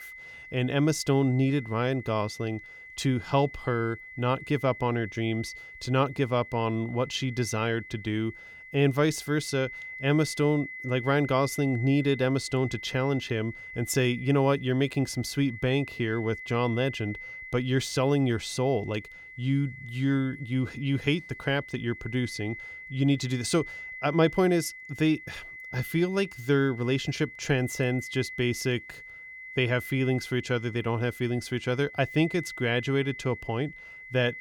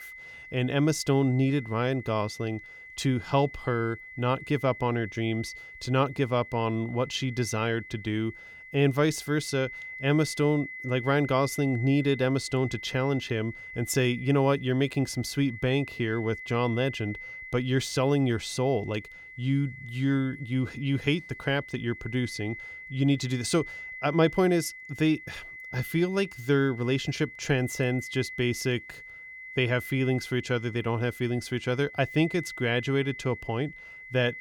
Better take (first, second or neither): neither